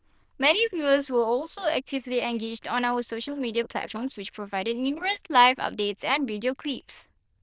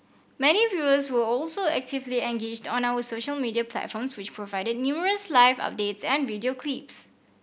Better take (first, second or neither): second